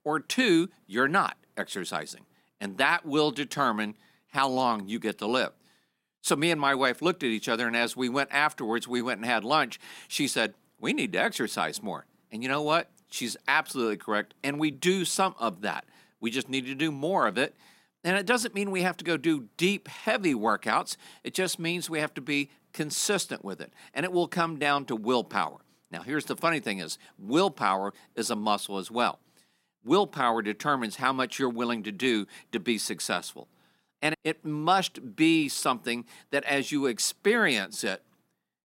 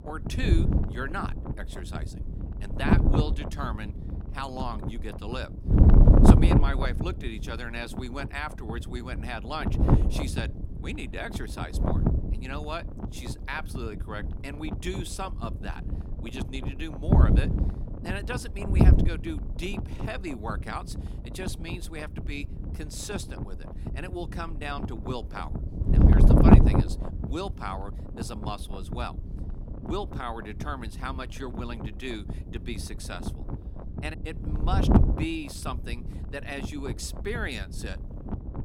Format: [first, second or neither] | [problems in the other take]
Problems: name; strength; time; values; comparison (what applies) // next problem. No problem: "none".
first | wind noise on the microphone; heavy; 2 dB above the speech